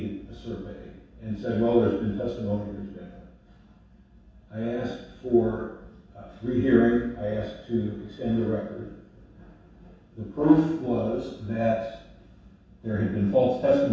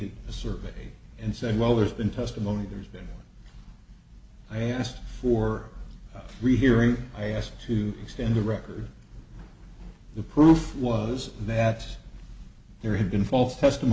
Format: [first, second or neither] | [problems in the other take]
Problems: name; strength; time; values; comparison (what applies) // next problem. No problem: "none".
second | room echo; dies away in 0.7 s